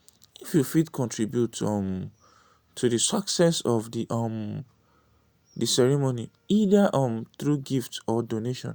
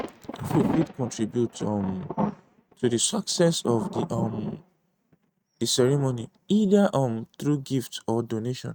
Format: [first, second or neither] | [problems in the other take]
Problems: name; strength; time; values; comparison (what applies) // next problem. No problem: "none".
first | noise reduction (neural mask model RNNoise)